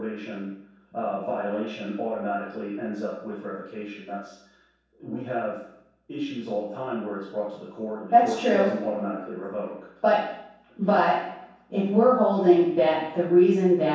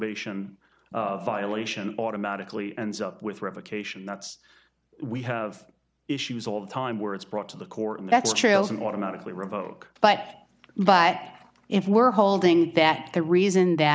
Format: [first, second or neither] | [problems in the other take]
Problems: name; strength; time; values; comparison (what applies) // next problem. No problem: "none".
second | room echo; dies away in 0.7 s